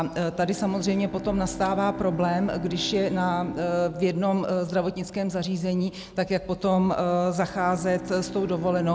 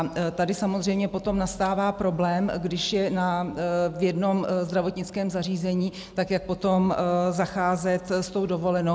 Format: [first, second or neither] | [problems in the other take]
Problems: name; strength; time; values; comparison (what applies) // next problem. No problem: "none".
second | background sound (Bowed string instrument); 14 dB below the speech